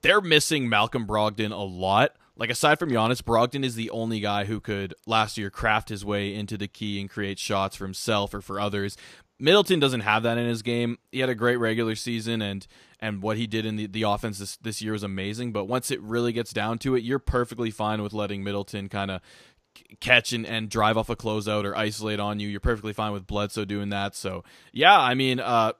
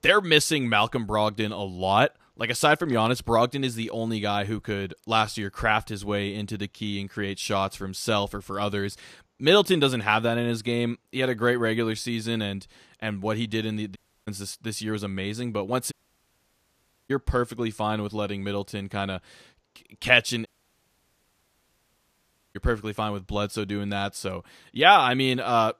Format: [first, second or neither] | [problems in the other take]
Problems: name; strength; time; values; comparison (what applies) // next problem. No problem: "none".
first | audio cutting out; at 14 s, at 16 s for 1 s and at 20 s for 2 s